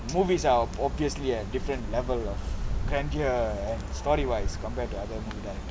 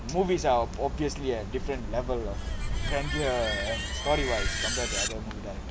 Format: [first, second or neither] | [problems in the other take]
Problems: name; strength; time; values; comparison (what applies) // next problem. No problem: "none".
first | background sound (Screech); 7 dB below the speech